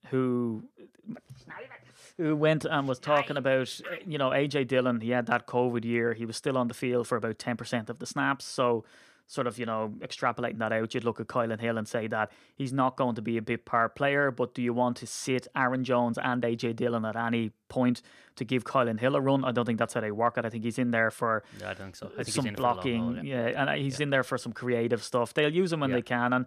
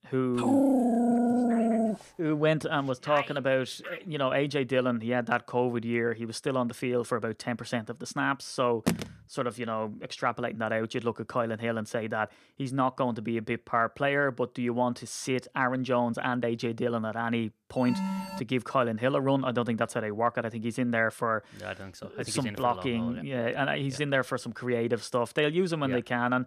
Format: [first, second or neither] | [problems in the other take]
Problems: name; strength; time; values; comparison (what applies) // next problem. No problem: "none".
first | dog barking; loud; until 2 s; peak 6 dB above the speech // phone ringing; noticeable; at 9 s; peak 2 dB below the speech // alarm; noticeable; at 18 s; peak 3 dB below the speech